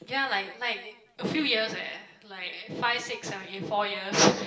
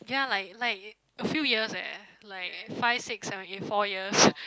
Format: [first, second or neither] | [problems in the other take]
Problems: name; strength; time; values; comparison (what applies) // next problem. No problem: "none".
second | room echo; dies away in 0.7 s